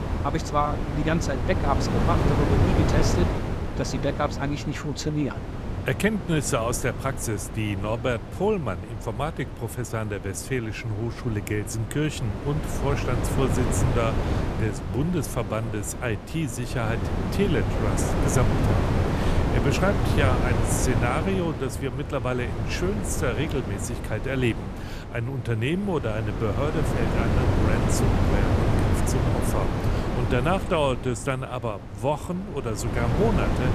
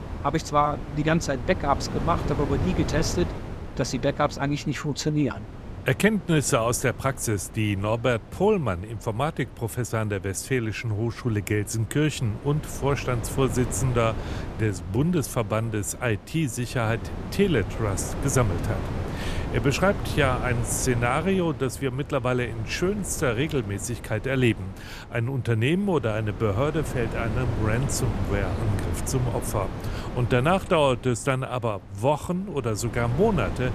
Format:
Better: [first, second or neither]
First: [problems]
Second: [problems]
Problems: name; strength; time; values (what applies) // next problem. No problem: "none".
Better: second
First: wind noise on the microphone; heavy; 3 dB below the speech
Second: wind noise on the microphone; occasional gusts; 10 dB below the speech